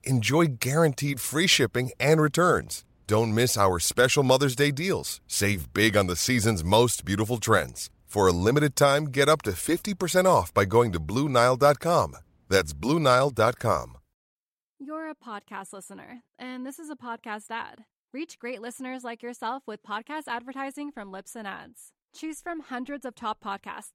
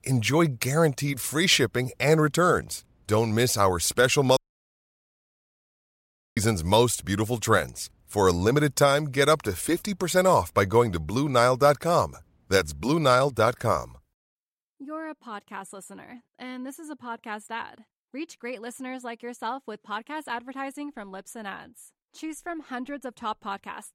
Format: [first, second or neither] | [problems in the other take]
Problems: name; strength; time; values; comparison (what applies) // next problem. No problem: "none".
first | audio cutting out; at 4.5 s for 2 s